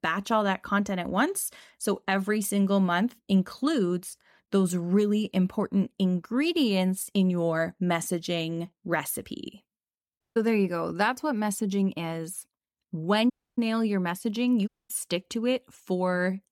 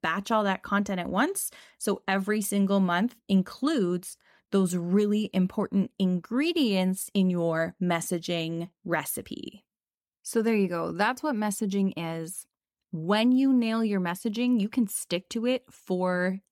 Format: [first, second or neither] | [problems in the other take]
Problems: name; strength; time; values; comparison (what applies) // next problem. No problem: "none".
second | audio cutting out; at 10 s, at 13 s and at 15 s